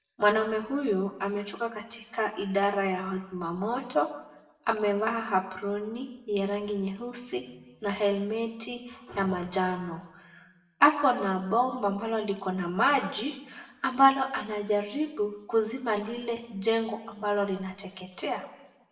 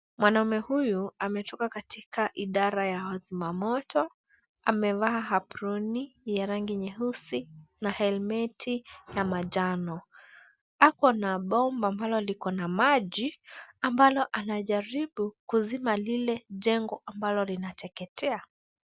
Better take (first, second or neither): second